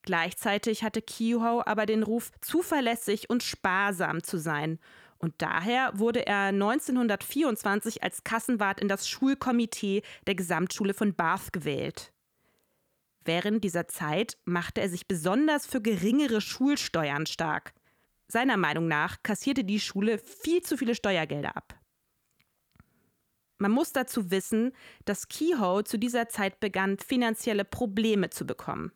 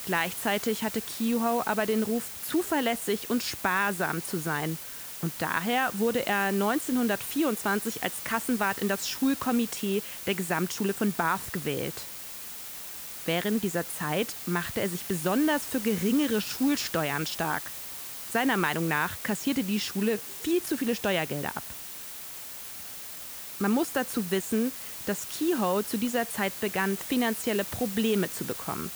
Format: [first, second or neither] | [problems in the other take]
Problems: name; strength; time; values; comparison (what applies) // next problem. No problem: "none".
first | hiss; loud; throughout; 8 dB below the speech